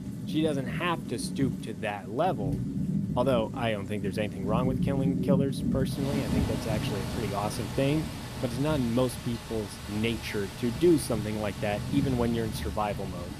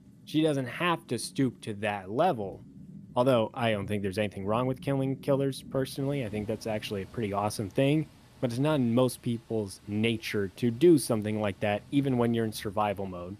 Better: second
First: rain or running water; loud; throughout; 3 dB below the speech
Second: rain or running water; faint; throughout; 20 dB below the speech

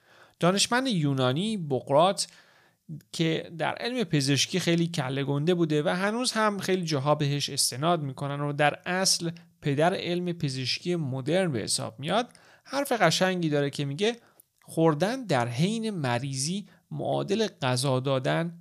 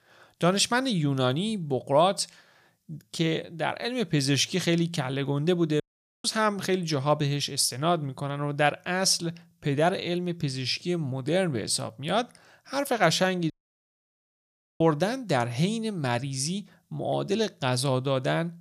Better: first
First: none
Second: audio cutting out; at 6 s and at 14 s for 1.5 s

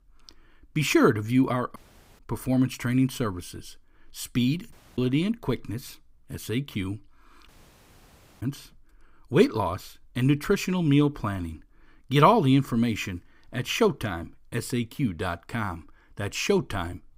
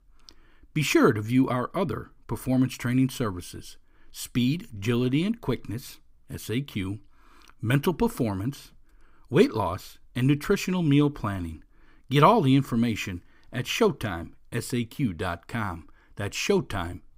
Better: second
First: audio cutting out; at 2 s, at 4.5 s and at 7.5 s for 1 s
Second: none

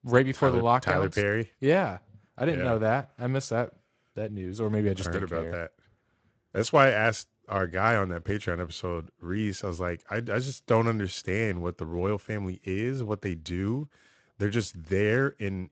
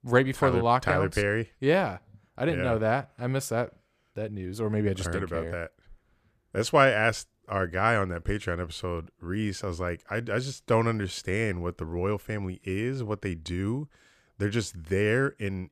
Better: second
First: garbled, watery; slightly; nothing above 8 kHz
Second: none

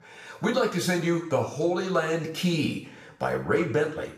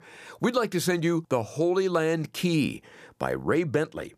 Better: second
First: room echo; slight; dies away in 0.6 s // off-mic speech; far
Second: none

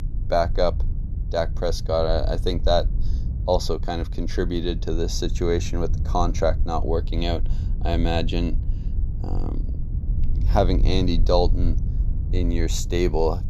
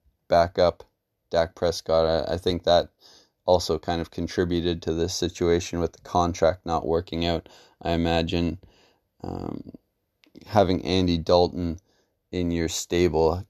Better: second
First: low rumble; noticeable; throughout; 20 dB below the speech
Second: none

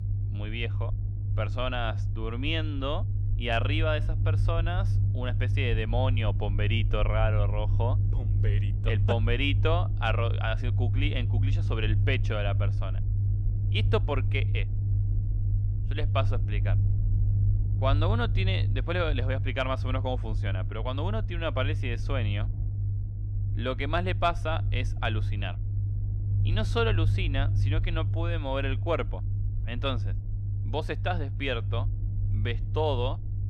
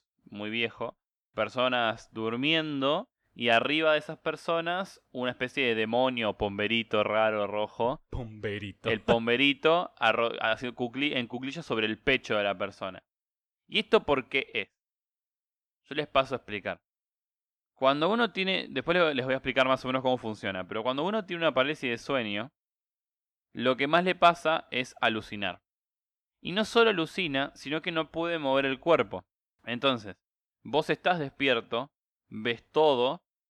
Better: second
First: low rumble; noticeable; throughout; 10 dB below the speech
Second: none

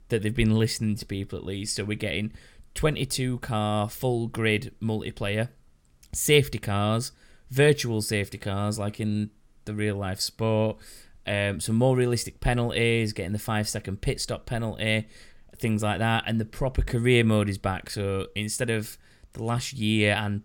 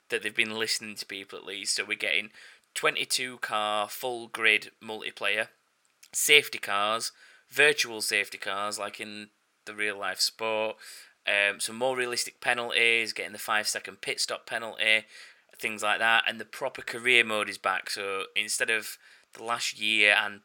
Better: first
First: none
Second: thin; very; fading below 600 Hz

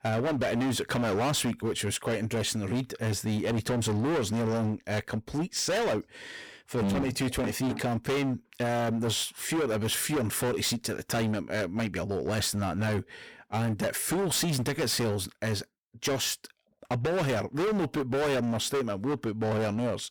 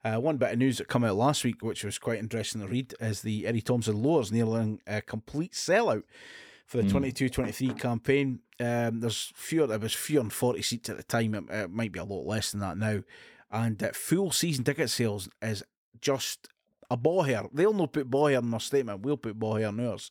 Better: second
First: distortion; heavy; 26% of the sound clipped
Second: none

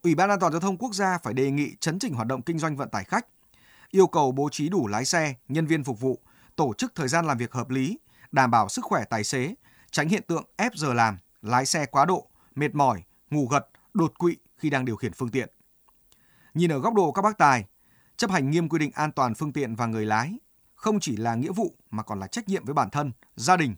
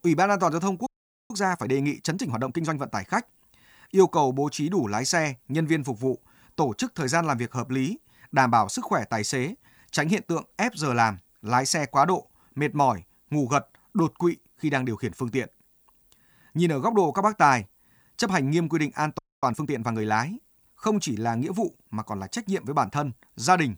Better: first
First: none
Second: audio freezing; at 1 s and at 19 s

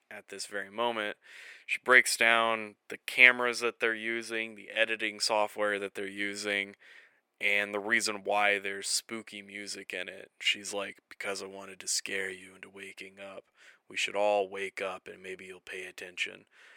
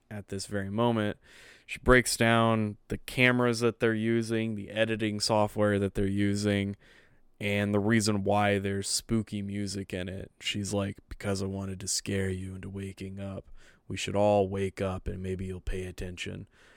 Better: second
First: thin; very; fading below 500 Hz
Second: none

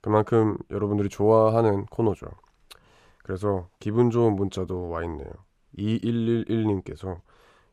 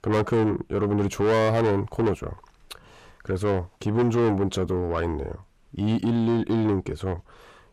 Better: first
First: none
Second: distortion; heavy; 7 dB below the speech

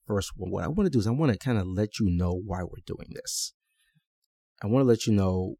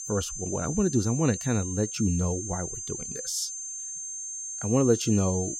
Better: first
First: none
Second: high-pitched whine; loud; throughout; 6.5 kHz, 6 dB below the speech

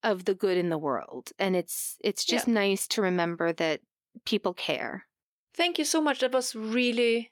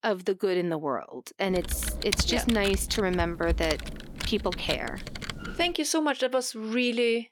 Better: first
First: none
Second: keyboard typing; noticeable; from 1.5 to 5.5 s; peak 1 dB below the speech

